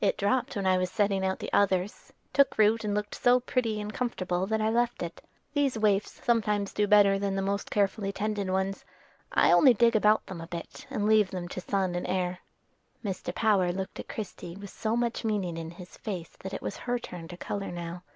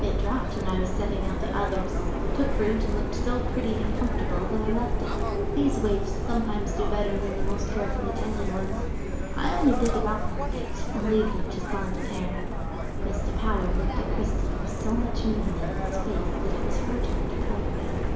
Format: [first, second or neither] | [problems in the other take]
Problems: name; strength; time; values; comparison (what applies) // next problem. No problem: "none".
first | background sound (Subway, metro, underground); 5 dB above the speech // room echo; dies away in 0.7 s